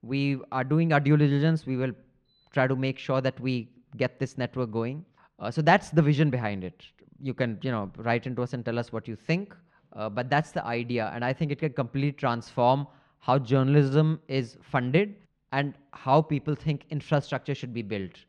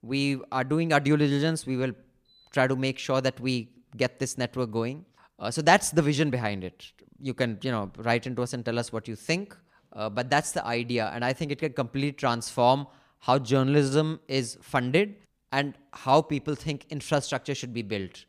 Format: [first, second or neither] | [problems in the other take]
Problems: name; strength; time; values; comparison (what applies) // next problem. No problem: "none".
second | muffled; slightly; fading above 3 kHz